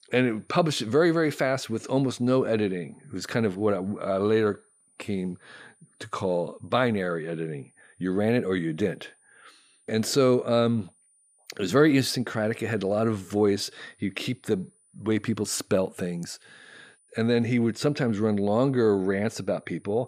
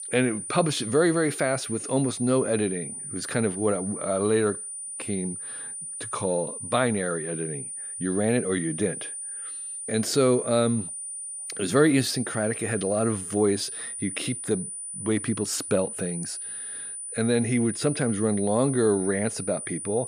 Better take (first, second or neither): first